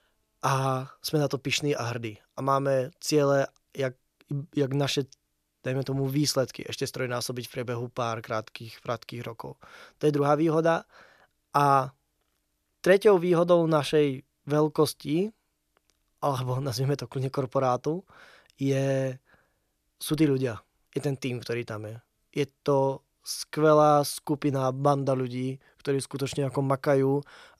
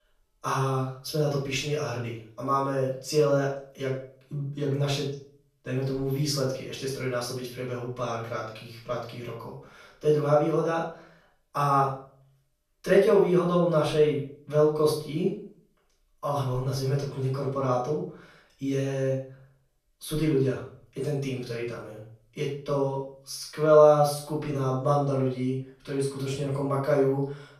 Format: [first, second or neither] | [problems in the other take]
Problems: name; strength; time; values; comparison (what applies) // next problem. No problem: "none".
first | off-mic speech; far // room echo; noticeable; dies away in 0.4 s